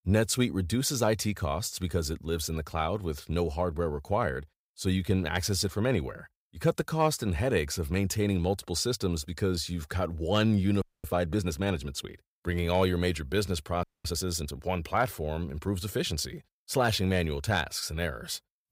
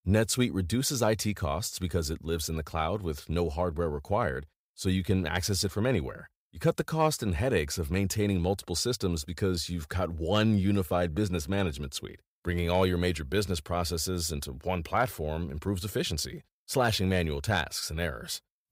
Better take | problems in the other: second | audio freezing; at 11 s and at 14 s

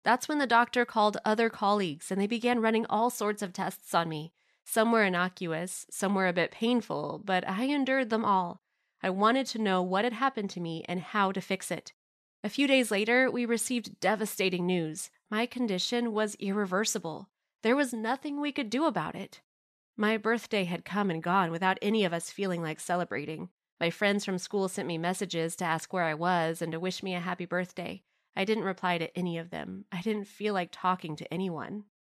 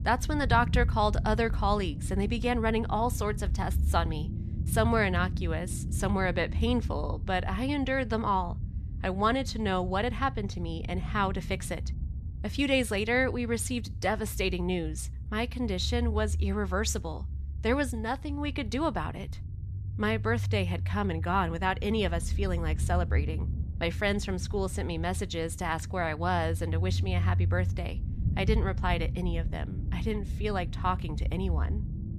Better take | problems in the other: first | low rumble; noticeable; throughout; 20 dB below the speech

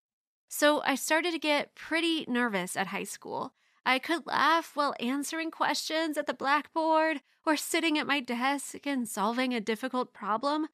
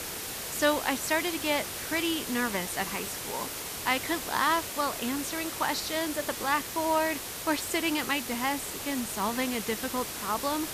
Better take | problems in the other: first | hiss; loud; throughout; 4 dB below the speech

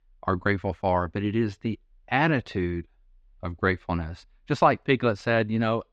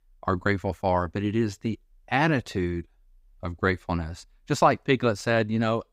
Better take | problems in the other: second | muffled; very slightly; fading above 3 kHz

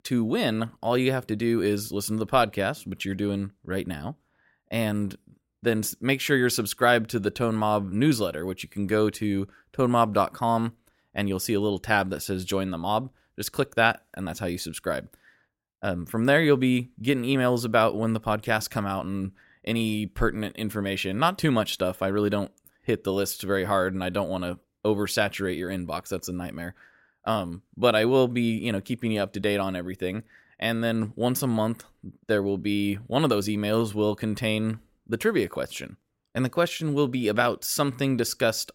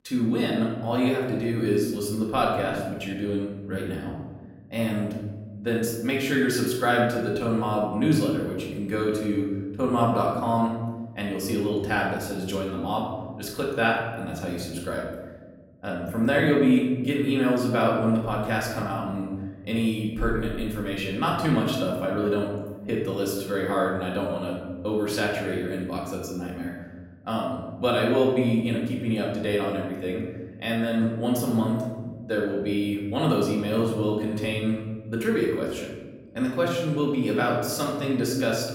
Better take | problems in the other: first | off-mic speech; far // room echo; noticeable; dies away in 1.3 s

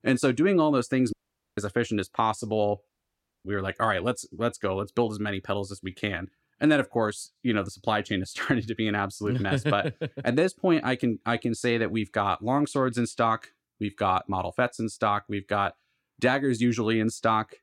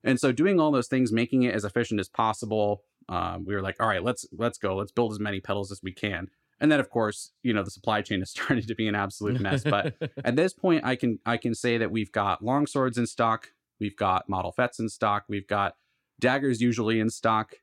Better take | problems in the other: second | audio cutting out; at 1 s and at 3 s for 0.5 s

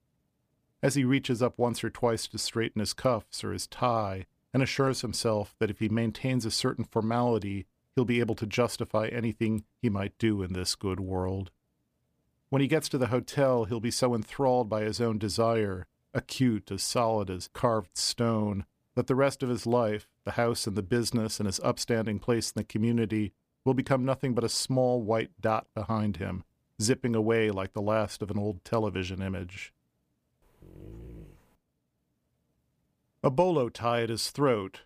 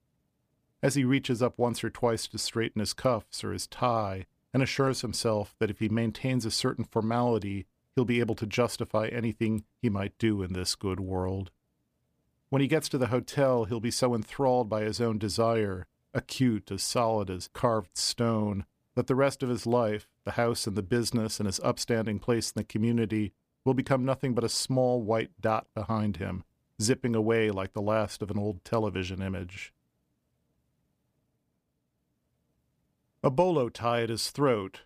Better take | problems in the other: second | dog barking; faint; at 30 s; peak 15 dB below the speech

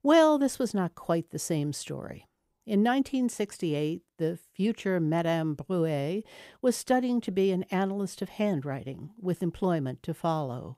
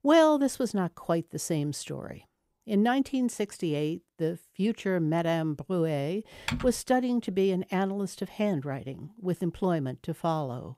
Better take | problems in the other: first | keyboard typing; noticeable; at 6.5 s; peak 5 dB below the speech

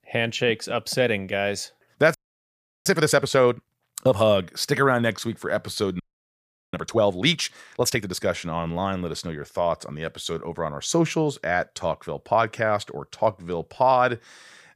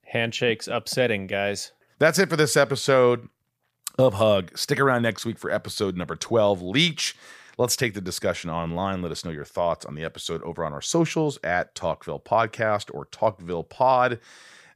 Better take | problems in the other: second | audio freezing; at 2 s for 0.5 s and at 6 s for 0.5 s

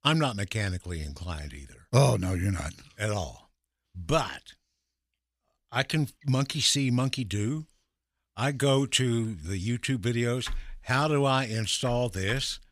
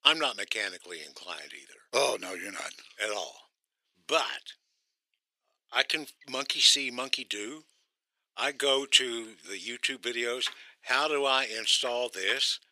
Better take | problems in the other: first | thin; very; fading below 400 Hz

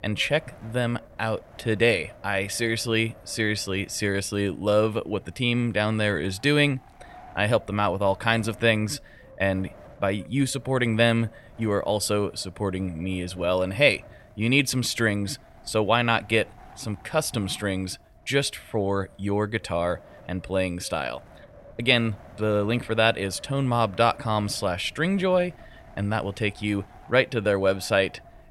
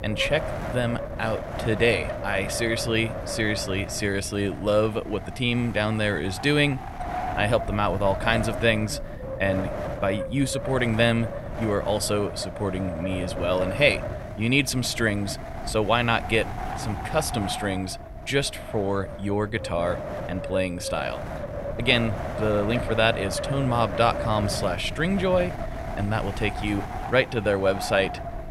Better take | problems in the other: first | wind noise on the microphone; heavy; 8 dB below the speech; occasional gusts in the first

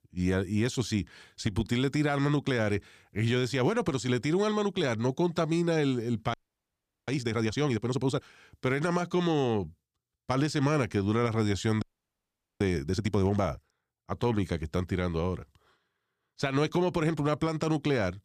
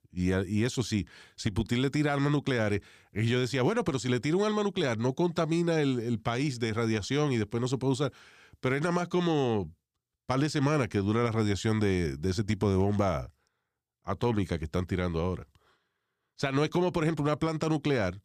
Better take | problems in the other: second | audio freezing; at 6.5 s for 0.5 s and at 12 s for 1 s

